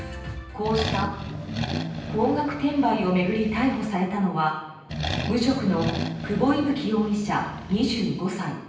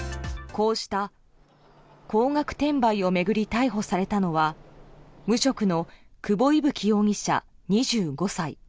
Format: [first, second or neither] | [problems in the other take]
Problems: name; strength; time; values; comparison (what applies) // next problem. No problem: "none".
second | background sound (Accelerating, revving, vroom); 7 dB below the speech // room echo; dies away in 0.9 s